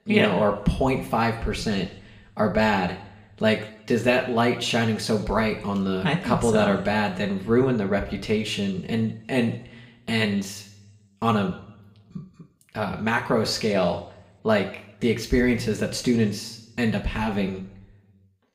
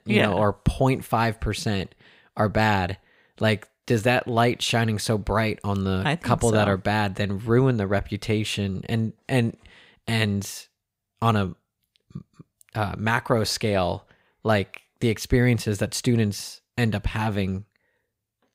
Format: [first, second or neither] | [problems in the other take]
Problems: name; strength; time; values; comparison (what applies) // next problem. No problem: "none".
second | room echo; slight; dies away in 0.6 s // off-mic speech; somewhat distant